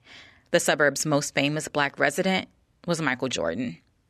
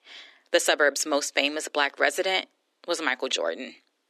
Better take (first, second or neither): first